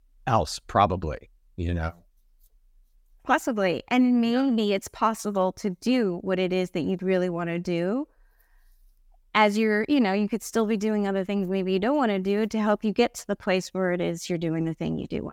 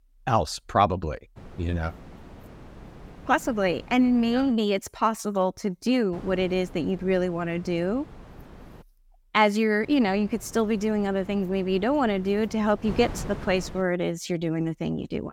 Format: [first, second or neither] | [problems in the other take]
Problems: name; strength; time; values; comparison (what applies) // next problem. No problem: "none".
first | wind noise on the microphone; occasional gusts; from 1.5 to 4.5 s, from 6 to 9 s and from 10 to 14 s; 20 dB below the speech